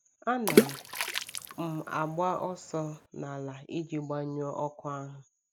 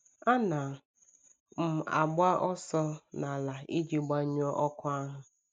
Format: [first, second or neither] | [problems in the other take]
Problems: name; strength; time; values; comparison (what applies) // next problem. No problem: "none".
second | background sound (Water / Splash, splatter); 4 dB above the speech